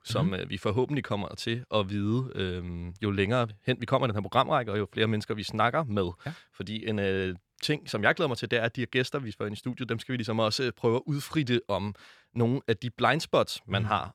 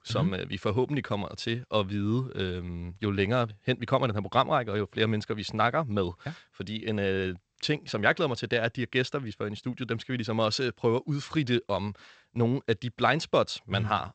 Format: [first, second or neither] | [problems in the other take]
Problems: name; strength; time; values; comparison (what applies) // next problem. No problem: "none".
first | garbled, watery; slightly; nothing above 8 kHz